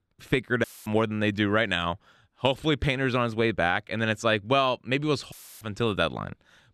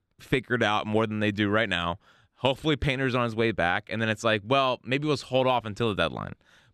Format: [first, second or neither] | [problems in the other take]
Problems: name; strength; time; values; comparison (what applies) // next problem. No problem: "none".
second | audio cutting out; filled with static; at 0.5 s and at 5.5 s